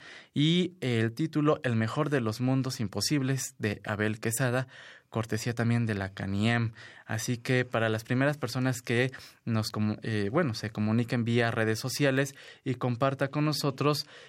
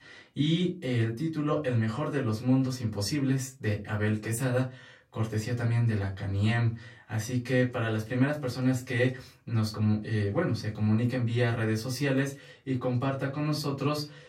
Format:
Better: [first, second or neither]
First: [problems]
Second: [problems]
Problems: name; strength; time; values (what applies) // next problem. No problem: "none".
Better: first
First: none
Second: off-mic speech; far // room echo; very slight; dies away in 0.3 s